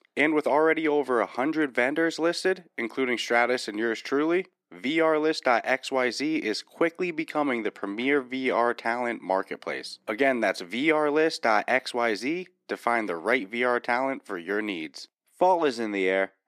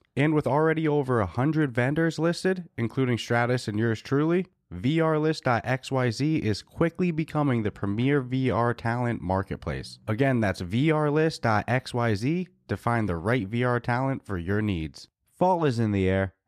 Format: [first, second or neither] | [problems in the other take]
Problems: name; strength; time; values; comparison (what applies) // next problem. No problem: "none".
second | thin; somewhat; fading below 300 Hz